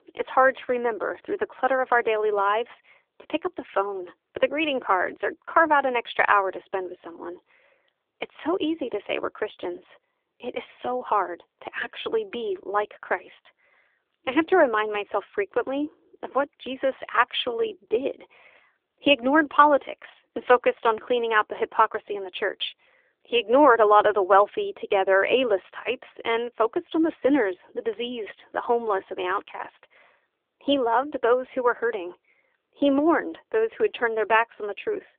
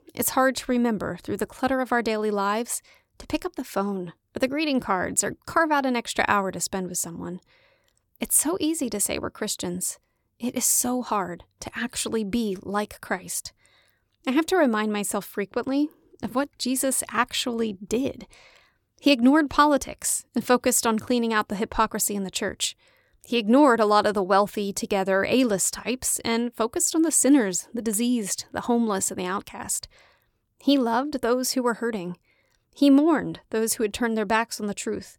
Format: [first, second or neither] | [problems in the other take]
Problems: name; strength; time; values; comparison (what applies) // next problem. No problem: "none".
second | phone-call audio; nothing above 3.5 kHz